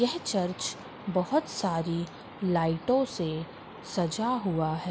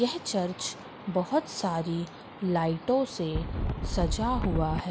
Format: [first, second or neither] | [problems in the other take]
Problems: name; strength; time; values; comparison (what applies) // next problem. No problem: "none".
first | background sound (Wind); 1 dB below the speech